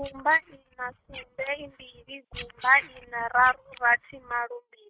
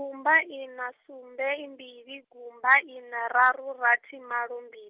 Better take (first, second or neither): second